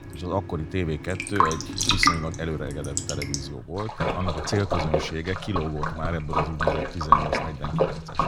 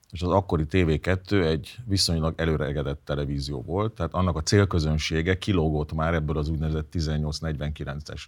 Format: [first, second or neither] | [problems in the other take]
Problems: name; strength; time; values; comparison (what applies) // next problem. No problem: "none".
second | rain or running water; very loud; throughout; 4 dB above the speech